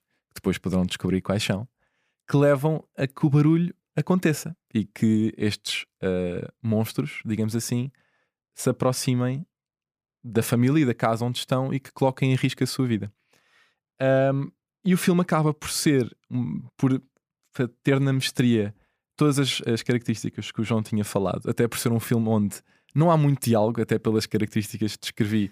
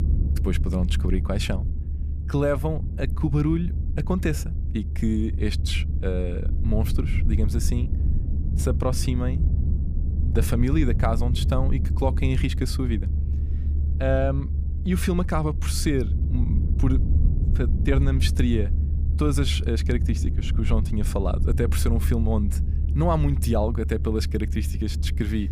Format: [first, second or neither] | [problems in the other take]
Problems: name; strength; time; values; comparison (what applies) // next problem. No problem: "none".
first | low rumble; noticeable; throughout; 10 dB below the speech